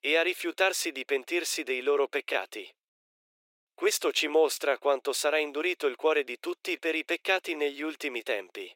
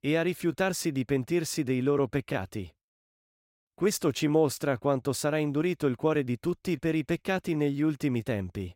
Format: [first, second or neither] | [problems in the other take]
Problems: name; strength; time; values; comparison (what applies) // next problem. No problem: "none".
second | thin; very; fading below 400 Hz